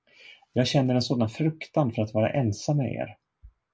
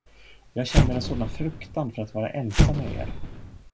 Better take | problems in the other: first | background sound (Explosion); 5 dB above the speech

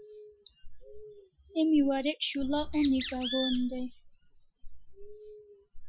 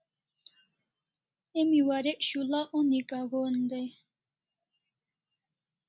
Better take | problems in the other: second | noise reduction (classical method Wiener filter)

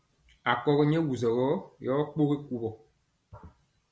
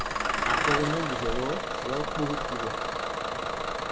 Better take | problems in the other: first | background sound (Engine starting / Bus); 4 dB above the speech

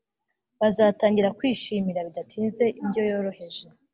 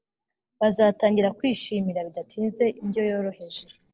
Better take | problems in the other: first | noise reduction (neural separator model SepFormer DNS4)

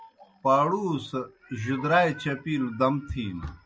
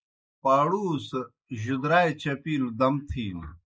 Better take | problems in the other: first | noise reduction (neural mask model Resemble Enhance denoiser)

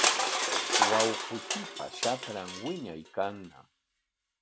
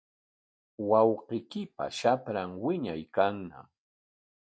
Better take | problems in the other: second | background sound (Crushing); 4 dB above the speech

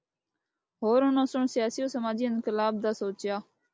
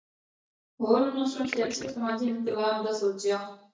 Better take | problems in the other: first | noise reduction (neural mask model DeepFilterNet 3)

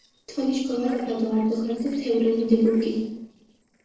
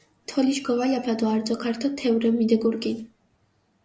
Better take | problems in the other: second | noise reduction (neural separator model SepFormer DNS4)

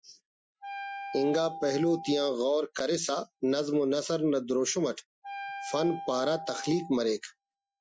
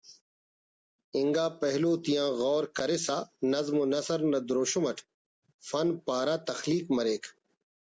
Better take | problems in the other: second | noise reduction (classical method Wiener filter)

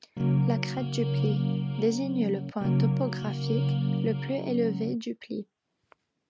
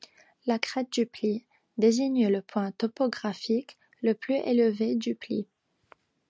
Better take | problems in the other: second | background sound (Guitar); 4 dB above the speech

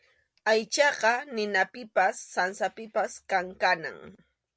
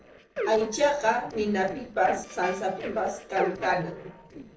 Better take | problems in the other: first | noise reduction (neural separator model SepFormer DNS4)

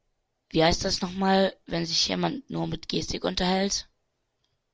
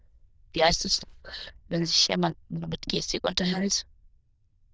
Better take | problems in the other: first | noise reduction (neural diffusion model UNIVERSE++)

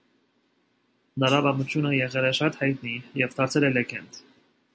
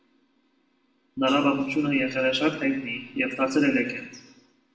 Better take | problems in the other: first | room echo; dies away in 0.8 s

